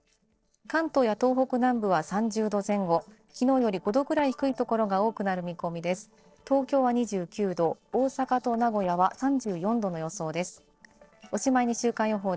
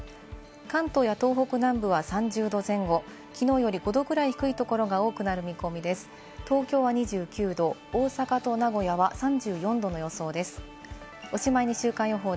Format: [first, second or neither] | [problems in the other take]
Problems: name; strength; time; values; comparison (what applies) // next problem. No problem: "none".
second | noise reduction (neural separator model SepFormer DNS4)